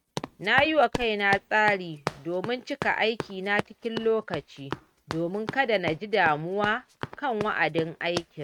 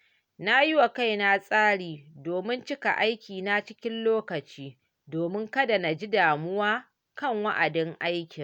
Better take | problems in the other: second | noise reduction (neural mask model RNNoise)

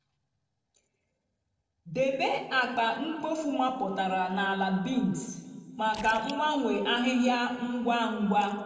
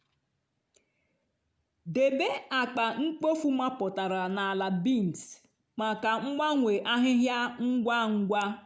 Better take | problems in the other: second | noise reduction (neural separator model SepFormer DNS4)

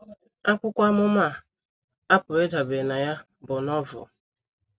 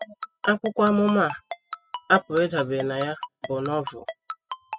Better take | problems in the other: first | noise reduction (classical method spectral subtraction)

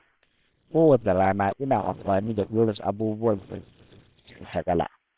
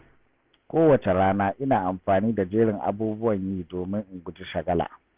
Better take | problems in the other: second | noise reduction (neural separator model SepFormer WHAM!)

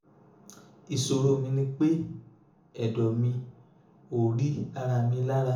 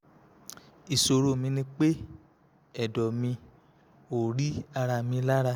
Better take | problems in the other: second | room echo; dies away in 0.6 s

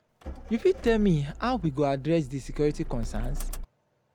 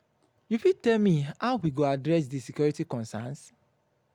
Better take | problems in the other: second | background sound (Motor vehicle (road)); 7 dB below the speech

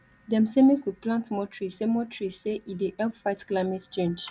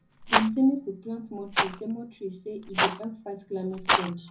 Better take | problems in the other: first | background sound (Rattle); as loud as the speech // room echo; dies away in 0.4 s

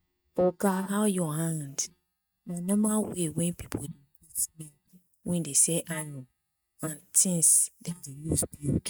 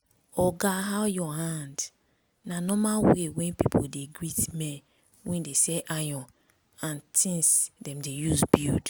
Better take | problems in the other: second | noise reduction (neural mask model DeepFilterNet 3)

